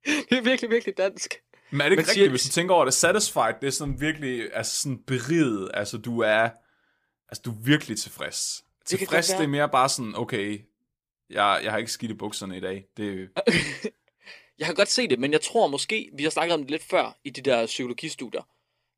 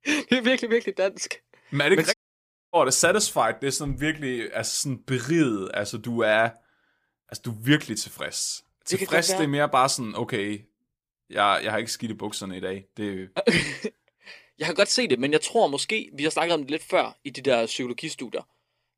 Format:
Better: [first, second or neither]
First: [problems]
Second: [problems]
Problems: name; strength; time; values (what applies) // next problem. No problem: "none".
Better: first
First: none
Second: audio cutting out; at 2 s for 0.5 s